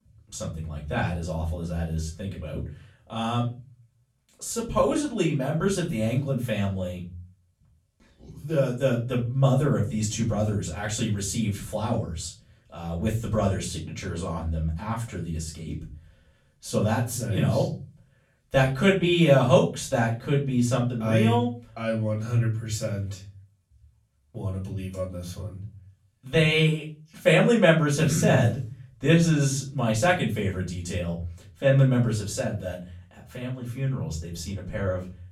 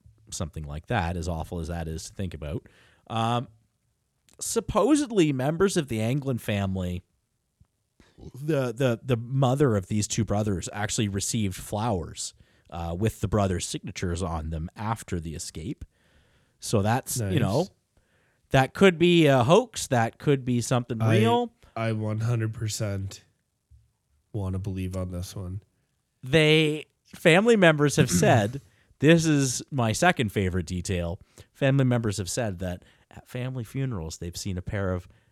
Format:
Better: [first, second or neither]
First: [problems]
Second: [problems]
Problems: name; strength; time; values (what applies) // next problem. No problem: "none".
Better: second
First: off-mic speech; far // room echo; slight; dies away in 0.4 s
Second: none